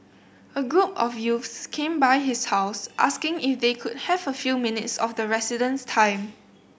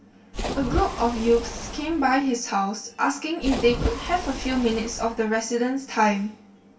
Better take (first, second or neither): first